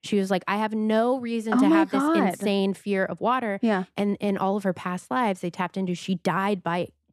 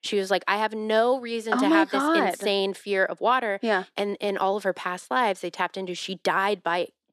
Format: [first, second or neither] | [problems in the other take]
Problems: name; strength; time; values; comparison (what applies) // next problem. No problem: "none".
first | thin; somewhat; fading below 400 Hz